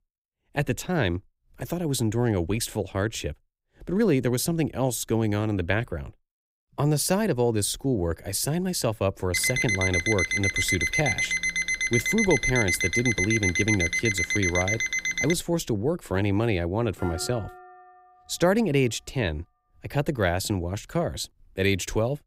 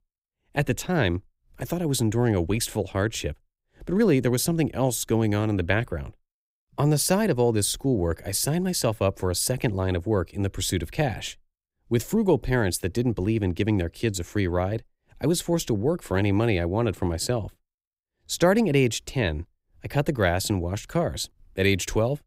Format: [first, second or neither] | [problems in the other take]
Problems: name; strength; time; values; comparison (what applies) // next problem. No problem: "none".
second | alarm; loud; from 9.5 to 15 s; peak 2 dB above the speech // clattering dishes; faint; from 17 to 18 s; peak 10 dB below the speech